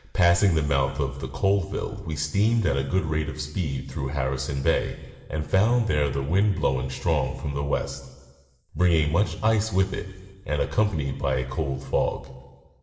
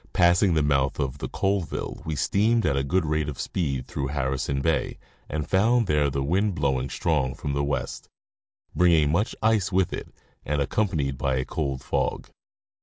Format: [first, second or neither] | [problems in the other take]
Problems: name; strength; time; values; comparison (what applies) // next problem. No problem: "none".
second | room echo; dies away in 1.3 s